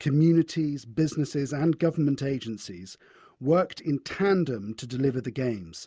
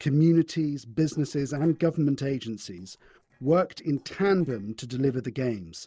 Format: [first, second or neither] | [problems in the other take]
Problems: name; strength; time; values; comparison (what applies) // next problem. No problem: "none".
first | noise reduction (neural separator model SepFormer DNS4)